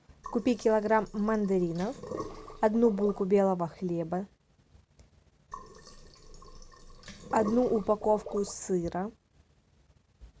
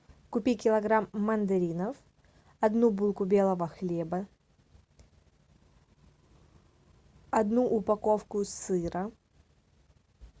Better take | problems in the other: second | background sound (Sink (filling or washing)); 13 dB below the speech

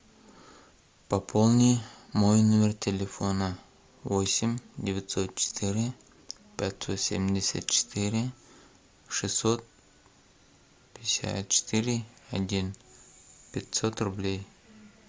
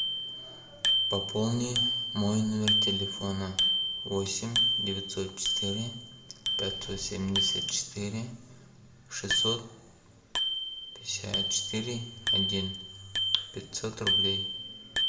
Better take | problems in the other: first | background sound (Bicycle bell); 3 dB above the speech // room echo; dies away in 0.8 s

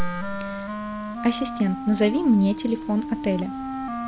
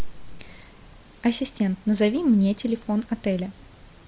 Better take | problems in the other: second | background sound (Wind instrument, woodwind instrument); 7 dB below the speech

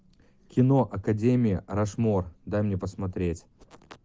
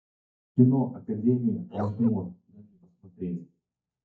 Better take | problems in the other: first | noise reduction (neural mask model DeepFilterNet 3)

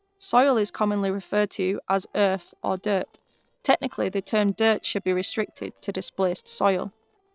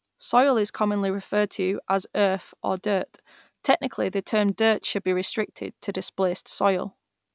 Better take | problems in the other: second | noise reduction (neural separator model SepFormer DNS4)

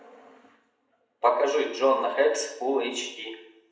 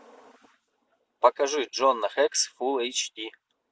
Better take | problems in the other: second | room echo; dies away in 0.7 s

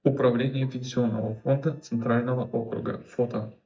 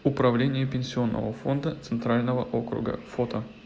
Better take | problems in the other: second | noise reduction (neural mask model DeepFilterNet 3)

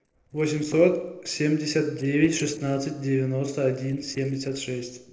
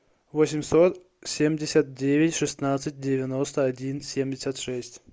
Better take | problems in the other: second | noise reduction (neural separator model SepFormer DNS4)

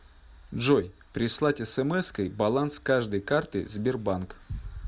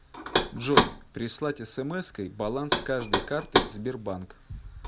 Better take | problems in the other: first | background sound (Knock); 2 dB above the speech

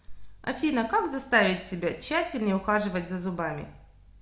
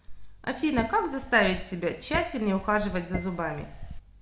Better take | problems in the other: first | background sound (Dishes, pots, and pans); 9 dB below the speech

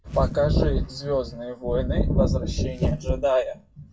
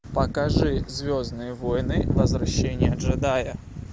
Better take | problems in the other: second | noise reduction (classical method WPE with log-MMSE)

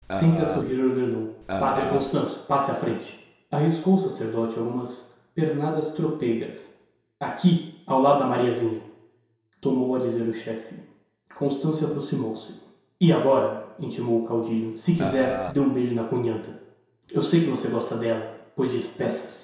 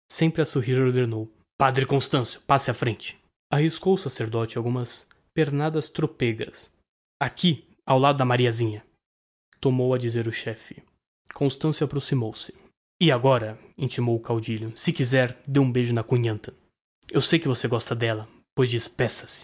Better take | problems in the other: second | background sound (Burping, eructation); 6 dB below the speech // room echo; dies away in 0.7 s

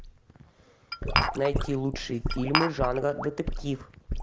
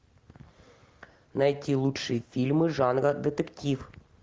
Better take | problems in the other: second | background sound (Sink (filling or washing) / Gurgling / Liquid + Glass); as loud as the speech

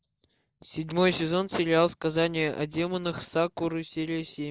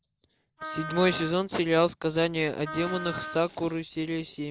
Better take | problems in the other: first | background sound (Wind instrument, woodwind instrument + Rattle / Rattle (instrument)); 11 dB below the speech

